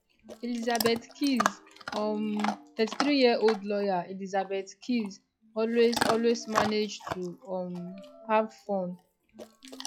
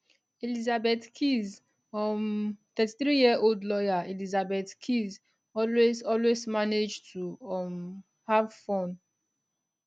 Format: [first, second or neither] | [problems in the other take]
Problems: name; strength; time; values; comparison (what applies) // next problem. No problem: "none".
second | noise reduction (classical method log-MMSE)